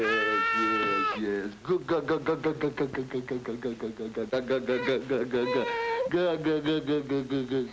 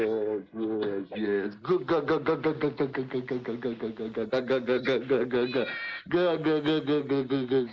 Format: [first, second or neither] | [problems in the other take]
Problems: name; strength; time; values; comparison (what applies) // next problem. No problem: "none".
first | noise reduction (neural mask model Resemble Enhance denoiser)